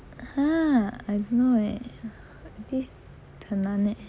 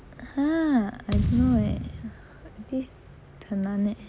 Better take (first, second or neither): first